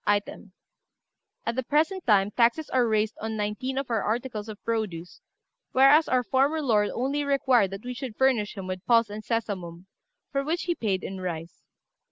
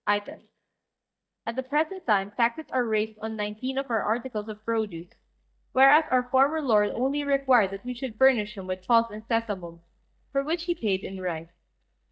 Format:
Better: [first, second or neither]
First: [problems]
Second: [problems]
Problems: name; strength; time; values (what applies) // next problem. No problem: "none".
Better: first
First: none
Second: noise reduction (neural mask model DeepFilterNet 3)